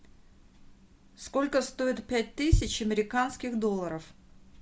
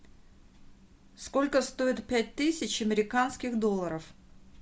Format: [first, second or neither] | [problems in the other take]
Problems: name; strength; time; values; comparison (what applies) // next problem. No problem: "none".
second | background sound (Bass drum); 1 dB below the speech